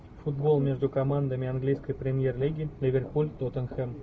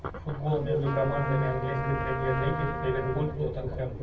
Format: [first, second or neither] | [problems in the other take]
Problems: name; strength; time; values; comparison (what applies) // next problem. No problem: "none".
first | background sound (Trumpet); 8 dB below the speech // room echo; dies away in 1.9 s